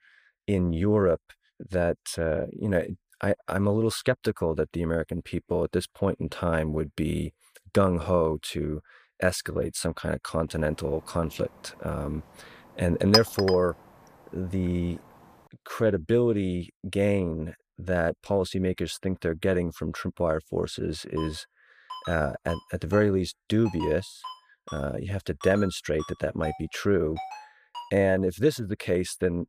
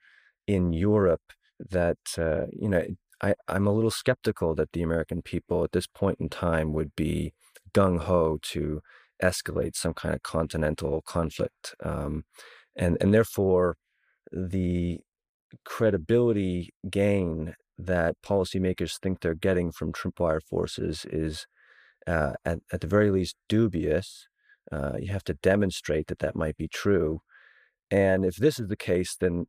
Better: second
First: clattering dishes; loud; at 13 s; peak 5 dB above the speech // phone ringing; faint; from 21 to 28 s; peak 10 dB below the speech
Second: none

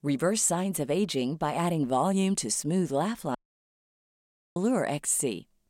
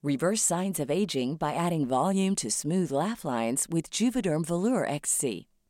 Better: second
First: audio cutting out; at 3.5 s for 1 s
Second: none

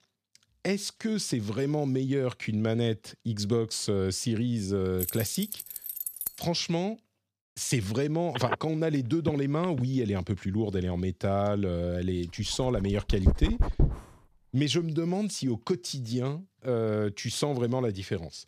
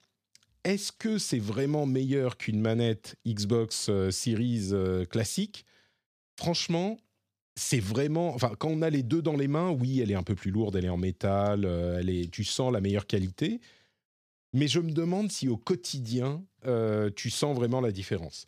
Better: second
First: jangling keys; noticeable; from 5 to 6.5 s; peak 3 dB below the speech // phone ringing; noticeable; from 8.5 to 10 s; peak 4 dB below the speech // dog barking; loud; from 13 to 14 s; peak 3 dB above the speech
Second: none

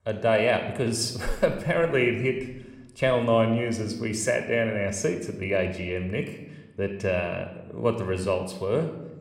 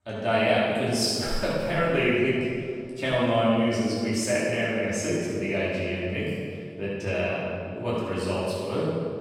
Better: first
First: room echo; slight; dies away in 0.8 s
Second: room echo; strong; dies away in 1.8 s // off-mic speech; far

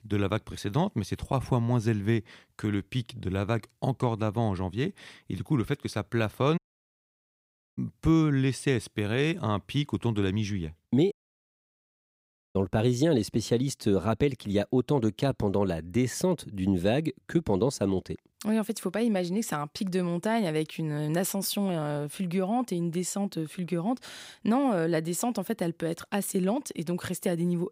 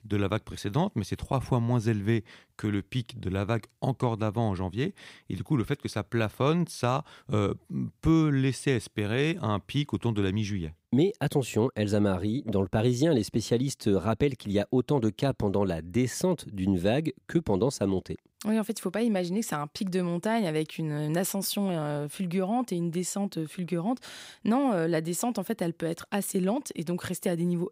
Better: second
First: audio cutting out; at 6.5 s for 1 s and at 11 s for 1.5 s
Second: none

